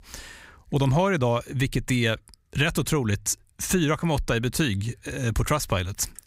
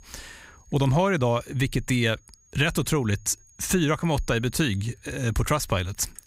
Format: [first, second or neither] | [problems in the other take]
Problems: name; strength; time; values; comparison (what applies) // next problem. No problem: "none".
first | high-pitched whine; faint; throughout; 6.5 kHz, 30 dB below the speech